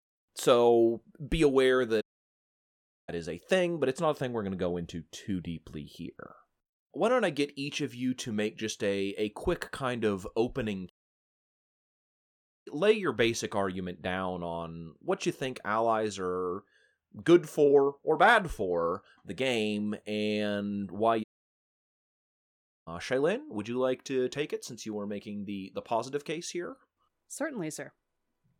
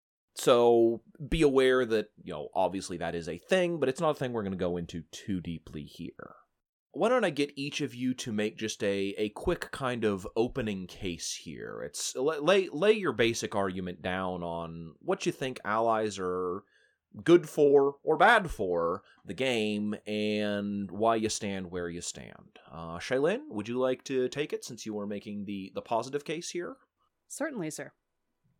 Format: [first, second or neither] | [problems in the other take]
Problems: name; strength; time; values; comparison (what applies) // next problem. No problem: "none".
second | audio cutting out; at 2 s for 1 s, at 11 s for 2 s and at 21 s for 1.5 s